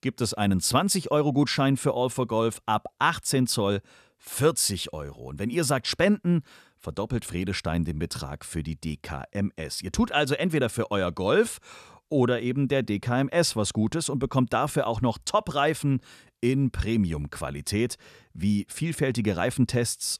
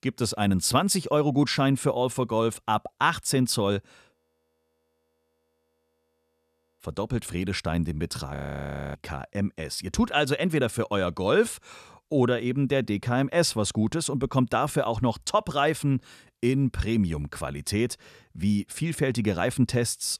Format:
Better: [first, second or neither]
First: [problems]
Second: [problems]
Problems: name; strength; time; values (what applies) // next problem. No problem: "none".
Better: first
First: none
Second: audio freezing; at 4 s for 2.5 s and at 8.5 s for 0.5 s